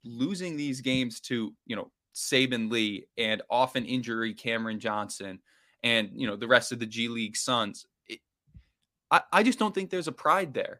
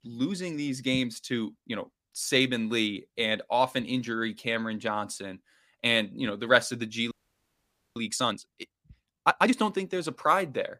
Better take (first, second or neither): first